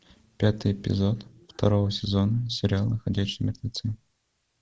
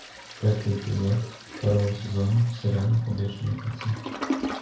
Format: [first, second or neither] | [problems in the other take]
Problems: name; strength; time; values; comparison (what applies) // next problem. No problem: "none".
first | background sound (Toilet flush); 11 dB below the speech // room echo; dies away in 0.6 s